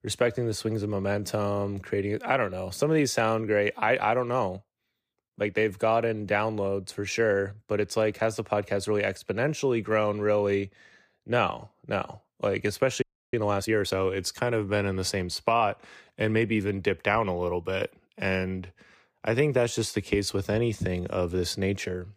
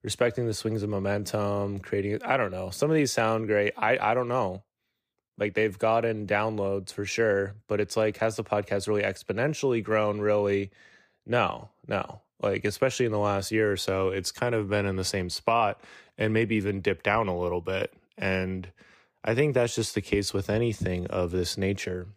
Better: second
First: audio freezing; at 13 s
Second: none

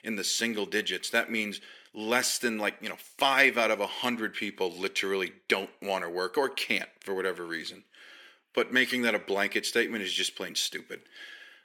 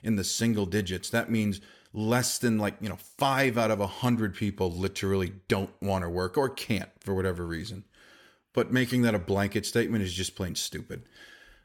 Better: second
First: thin; somewhat; fading below 300 Hz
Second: none

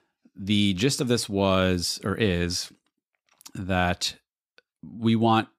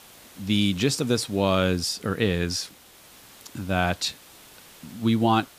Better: first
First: none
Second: hiss; faint; throughout; 25 dB below the speech

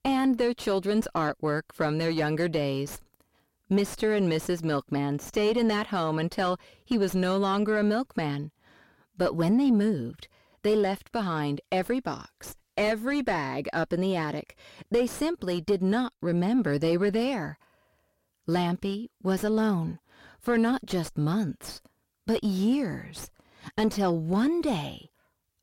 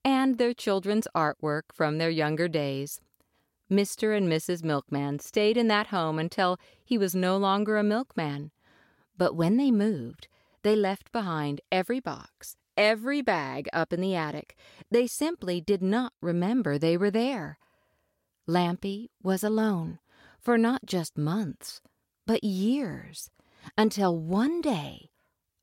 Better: second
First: distortion; slight; 10 dB below the speech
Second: none

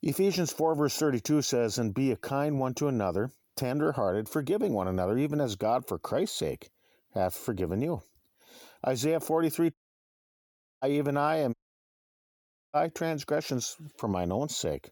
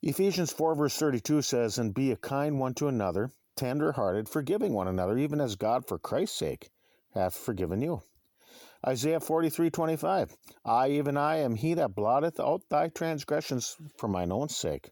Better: second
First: audio cutting out; at 9.5 s for 1 s and at 12 s for 1 s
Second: none

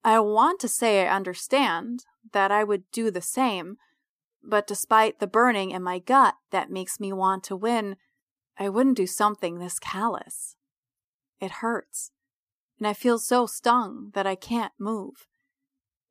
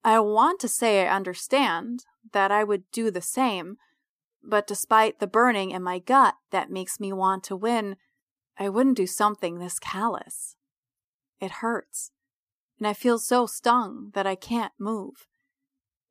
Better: neither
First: none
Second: none

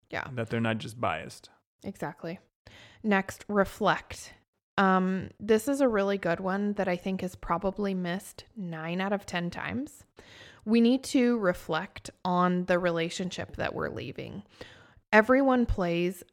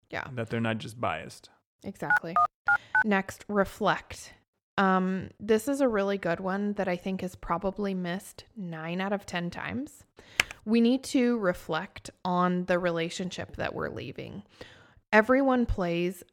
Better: first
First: none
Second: phone ringing; loud; at 2 s; peak 5 dB above the speech // keyboard typing; very faint; at 10 s; peak level with the speech

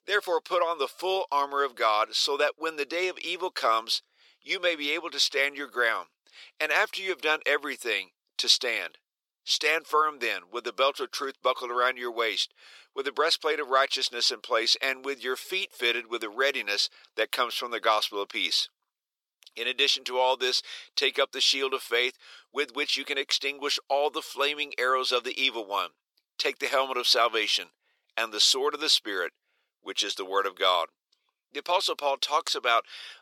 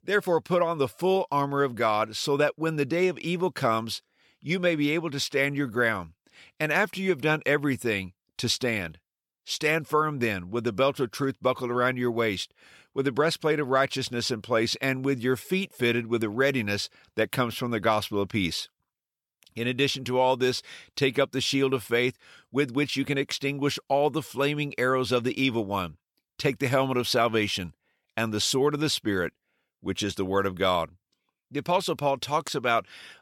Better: second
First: thin; very; fading below 400 Hz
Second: none

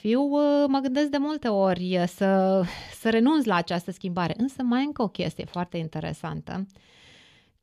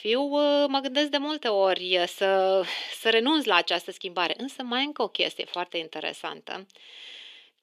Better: first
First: none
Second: thin; somewhat; fading below 350 Hz

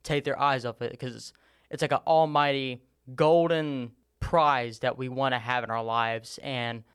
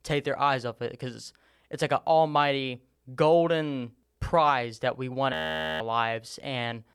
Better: first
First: none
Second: audio freezing; at 5.5 s

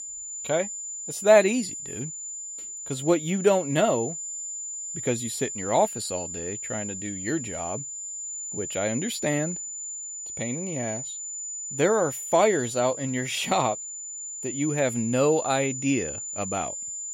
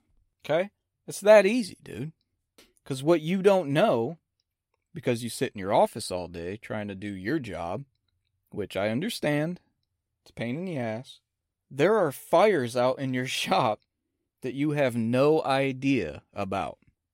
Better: second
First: high-pitched whine; loud; throughout; 7 kHz, 6 dB below the speech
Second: none

